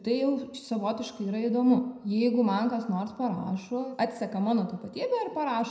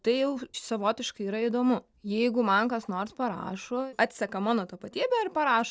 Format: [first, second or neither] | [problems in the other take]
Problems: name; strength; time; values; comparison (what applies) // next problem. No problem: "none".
second | room echo; dies away in 0.8 s